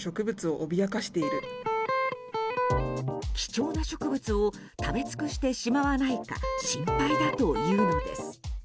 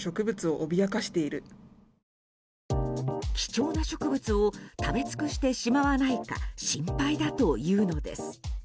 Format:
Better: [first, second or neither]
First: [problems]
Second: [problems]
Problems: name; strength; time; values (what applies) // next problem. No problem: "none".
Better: second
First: background sound (Electric guitar); as loud as the speech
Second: none